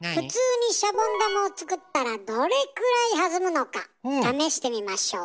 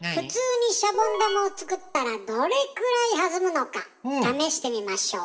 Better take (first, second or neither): first